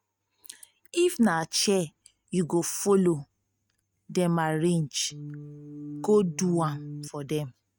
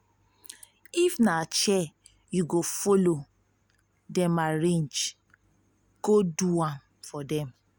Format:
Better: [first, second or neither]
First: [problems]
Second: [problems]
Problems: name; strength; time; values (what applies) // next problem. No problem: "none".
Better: second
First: noise reduction (neural mask model RNNoise)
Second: none